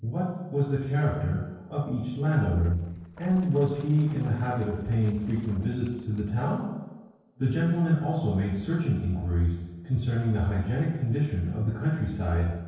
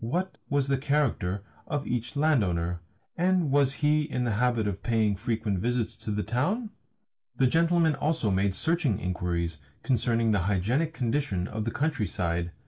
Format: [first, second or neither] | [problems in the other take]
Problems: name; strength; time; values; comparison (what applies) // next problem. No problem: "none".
second | noise reduction (neural separator model SepFormer DNS4)